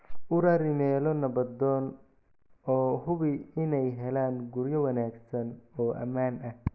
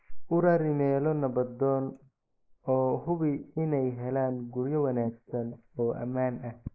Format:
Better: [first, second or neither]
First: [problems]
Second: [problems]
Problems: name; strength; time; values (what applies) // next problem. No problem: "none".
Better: first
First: none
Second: noise reduction (neural mask model Resemble Enhance denoiser)